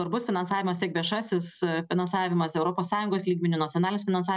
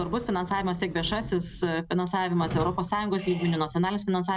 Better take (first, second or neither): first